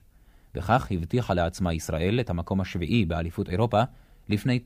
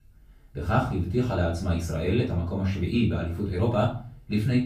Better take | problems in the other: first | off-mic speech; far // room echo; slight; dies away in 0.3 s

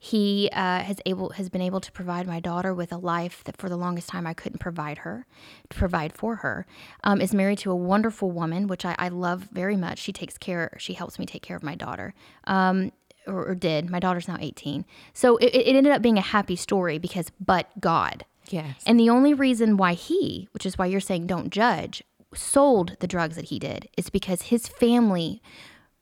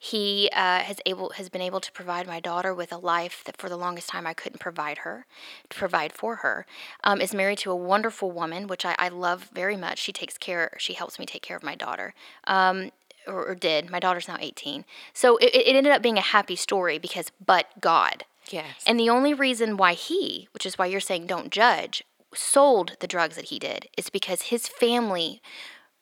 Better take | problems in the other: first | thin; somewhat; fading below 450 Hz

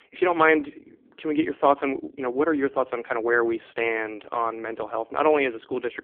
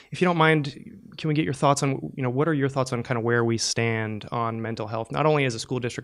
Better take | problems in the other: second | phone-call audio; poor line

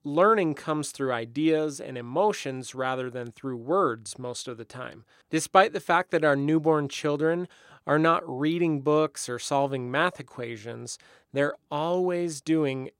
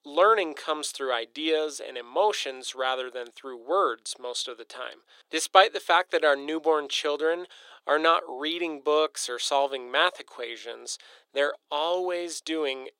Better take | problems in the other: first | thin; very; fading below 400 Hz

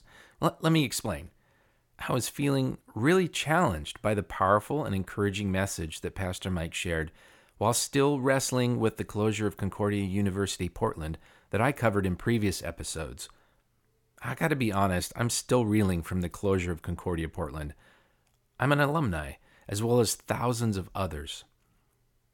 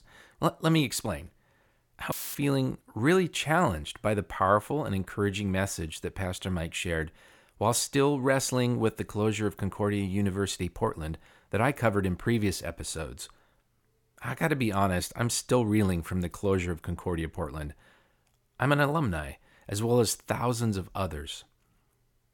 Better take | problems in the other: first | audio cutting out; filled with static; at 2 s

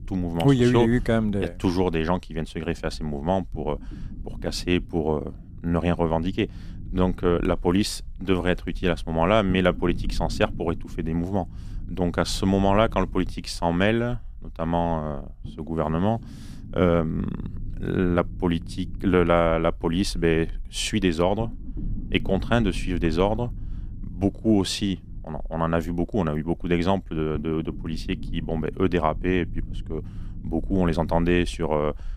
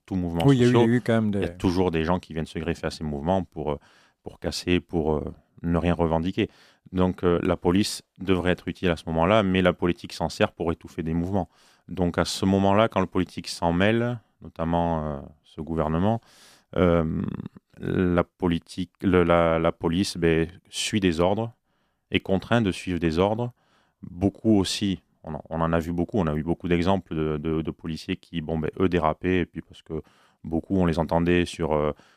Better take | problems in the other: second | low rumble; faint; throughout; 25 dB below the speech

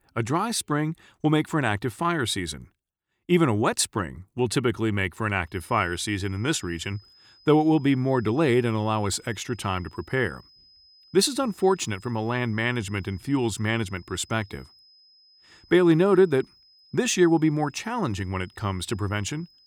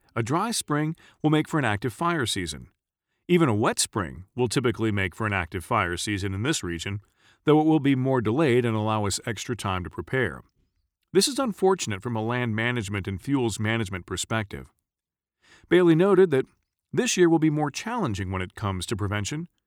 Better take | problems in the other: second | high-pitched whine; faint; from 5.5 s on; 5 kHz, 30 dB below the speech

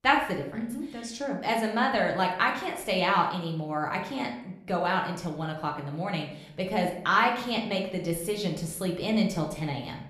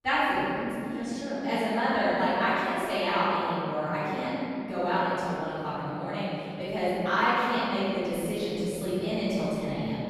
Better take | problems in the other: first | room echo; strong; dies away in 2.8 s; slight in the first // off-mic speech; far; somewhat distant in the first

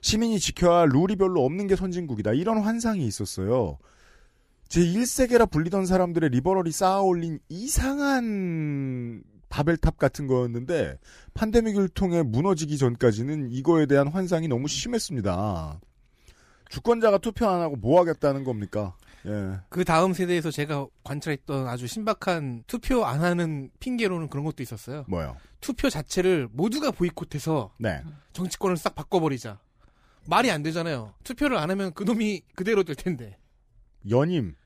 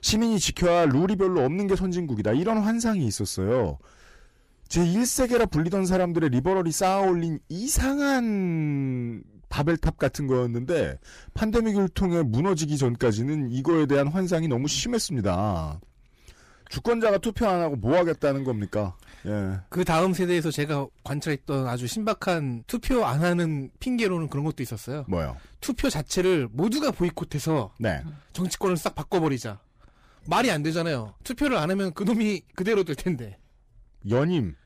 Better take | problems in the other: first | distortion; slight; 10 dB below the speech

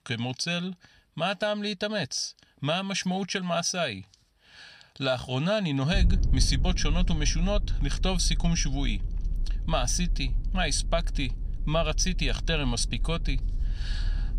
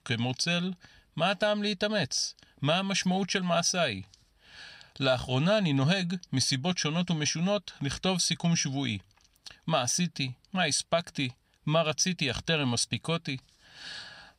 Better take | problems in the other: second | low rumble; faint; from 6 s on; 20 dB below the speech

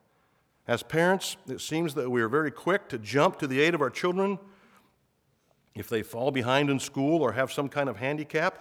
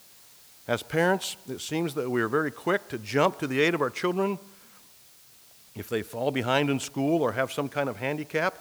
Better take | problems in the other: first | hiss; faint; throughout; 25 dB below the speech

